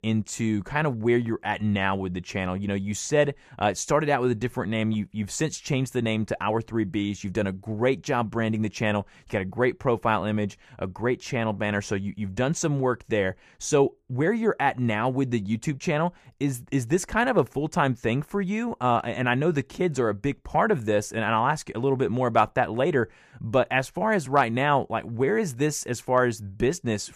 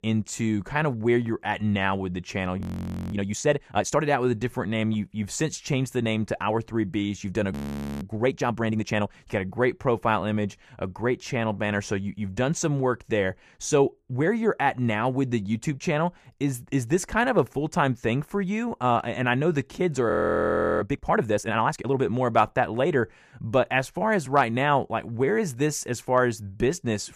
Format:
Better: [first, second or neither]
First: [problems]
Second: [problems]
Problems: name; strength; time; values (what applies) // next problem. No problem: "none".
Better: first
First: none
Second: audio freezing; at 2.5 s for 0.5 s, at 7.5 s and at 20 s for 0.5 s